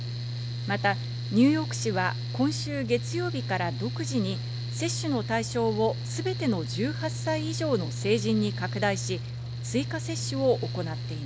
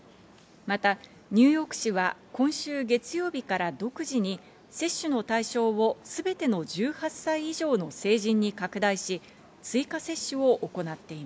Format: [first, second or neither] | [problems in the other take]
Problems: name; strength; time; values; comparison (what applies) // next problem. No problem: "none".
second | background sound (Mechanical fan); 4 dB below the speech